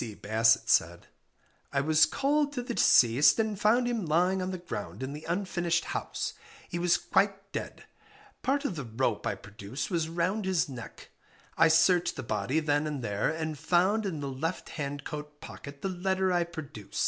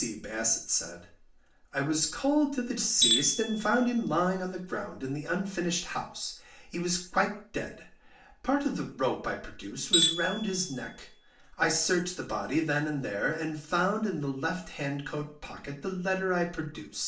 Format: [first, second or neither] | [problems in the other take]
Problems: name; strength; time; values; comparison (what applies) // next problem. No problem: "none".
first | background sound (Tools); 3 dB below the speech // room echo; dies away in 0.4 s